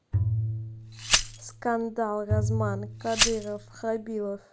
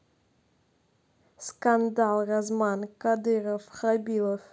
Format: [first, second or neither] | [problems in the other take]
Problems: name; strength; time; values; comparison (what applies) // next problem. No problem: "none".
second | background sound (Glass + Bowed string instrument); 3 dB above the speech